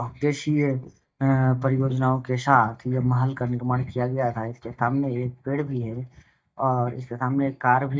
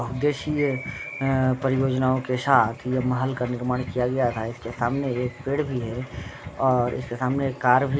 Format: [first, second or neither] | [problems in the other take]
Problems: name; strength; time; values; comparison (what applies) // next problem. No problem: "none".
second | noise reduction (neural mask model DeepFilterNet 3)